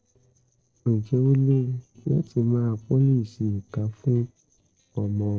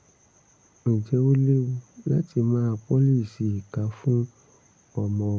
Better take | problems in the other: second | noise reduction (neural separator model SepFormer DNS4)

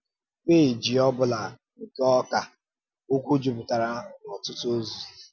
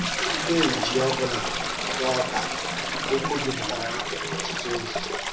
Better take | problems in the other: first | background sound (Toilet flush); 1 dB above the speech // room echo; dies away in 0.3 s

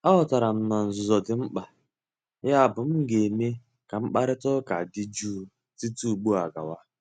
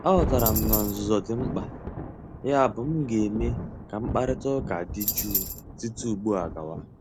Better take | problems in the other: first | background sound (Tambourine + Thunder); 4 dB below the speech

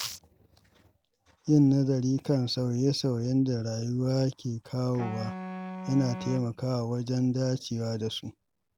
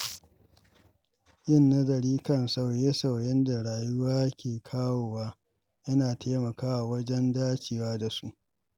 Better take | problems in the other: second | background sound (Wind instrument, woodwind instrument); 12 dB below the speech

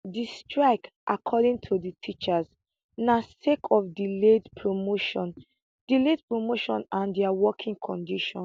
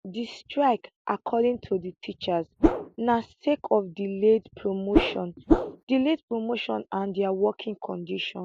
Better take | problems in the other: first | noise reduction (neural mask model Resemble Enhance denoiser)

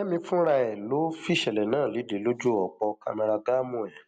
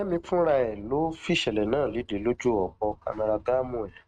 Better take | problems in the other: first | noise reduction (neural mask model RNNoise)

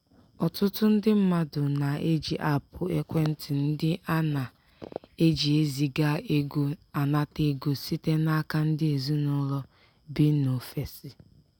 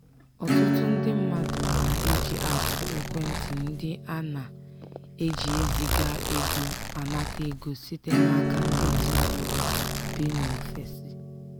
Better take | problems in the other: first | background sound (Zipper (clothing) + Acoustic guitar / Strum); 5 dB above the speech

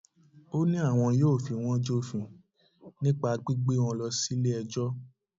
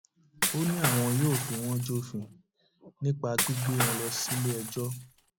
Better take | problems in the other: first | background sound (Shatter / Crushing); 2 dB below the speech

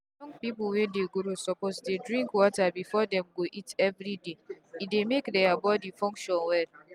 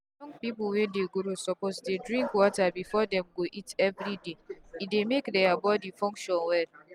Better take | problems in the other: first | background sound (Bark); 15 dB below the speech

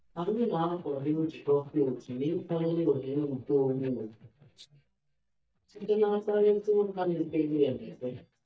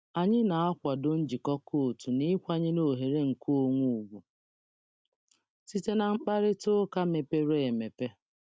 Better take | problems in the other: second | noise reduction (neural mask model DeepFilterNet 3)

